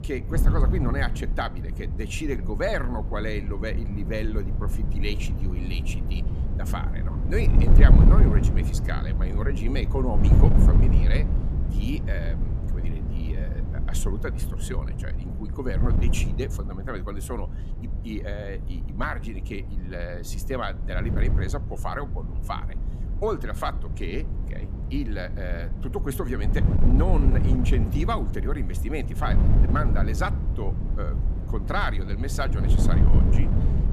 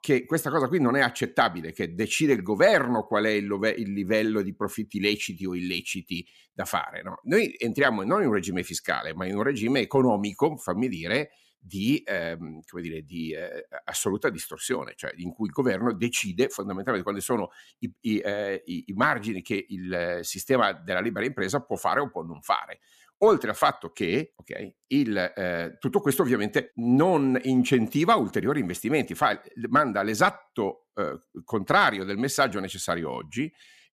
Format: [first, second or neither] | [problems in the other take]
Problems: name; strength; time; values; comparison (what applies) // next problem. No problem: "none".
second | wind noise on the microphone; heavy; 6 dB below the speech